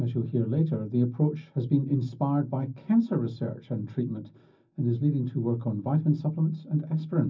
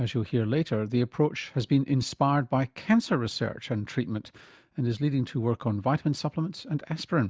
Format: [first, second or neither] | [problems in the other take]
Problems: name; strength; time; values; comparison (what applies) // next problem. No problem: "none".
second | room echo; dies away in 0.4 s